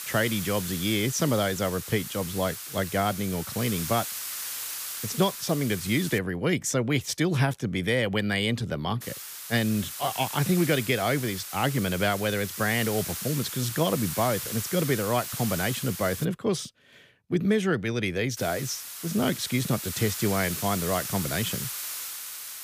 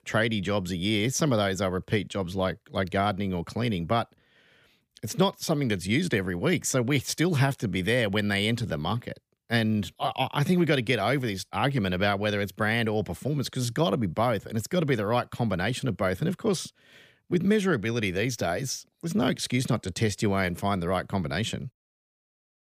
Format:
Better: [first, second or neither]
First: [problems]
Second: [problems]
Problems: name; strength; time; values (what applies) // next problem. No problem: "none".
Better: second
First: hiss; loud; until 6 s, from 9 to 16 s and from 18 s on; 6 dB below the speech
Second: none